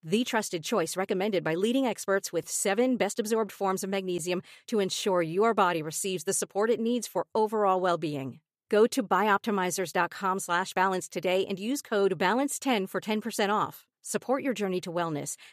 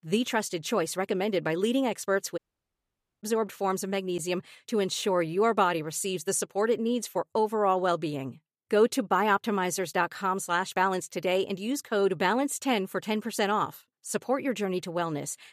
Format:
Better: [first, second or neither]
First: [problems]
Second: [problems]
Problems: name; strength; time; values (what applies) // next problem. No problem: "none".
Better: first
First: none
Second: audio cutting out; at 2.5 s for 1 s